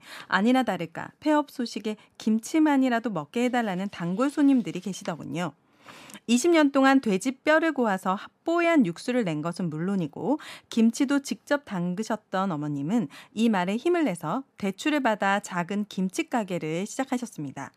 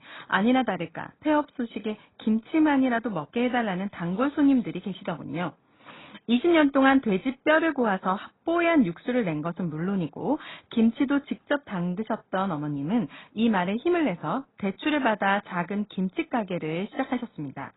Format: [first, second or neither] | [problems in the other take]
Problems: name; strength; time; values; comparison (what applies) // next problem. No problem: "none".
first | garbled, watery; badly; nothing above 4 kHz